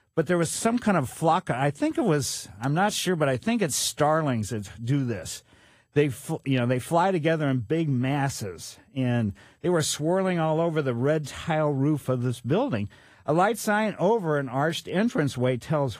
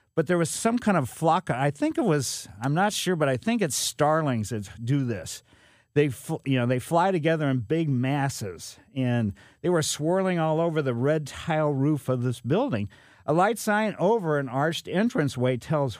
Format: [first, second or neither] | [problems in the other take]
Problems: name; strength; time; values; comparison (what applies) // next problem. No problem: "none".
second | garbled, watery; slightly; nothing above 15 kHz